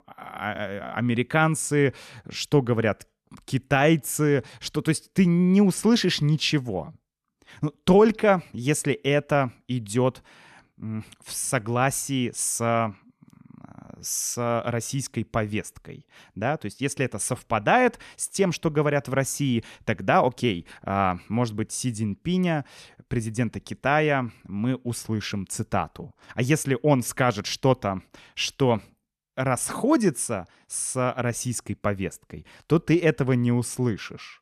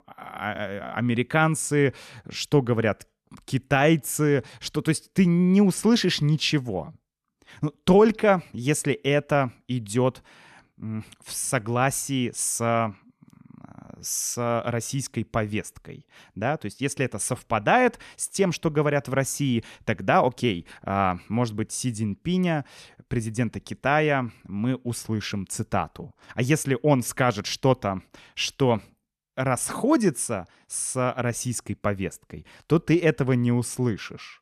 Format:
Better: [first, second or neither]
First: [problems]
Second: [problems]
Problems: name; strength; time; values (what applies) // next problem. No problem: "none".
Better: neither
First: none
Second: none